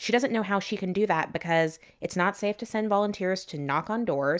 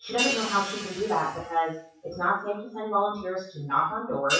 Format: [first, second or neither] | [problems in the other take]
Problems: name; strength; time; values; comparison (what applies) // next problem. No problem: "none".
first | noise reduction (classical method WPE with log-MMSE)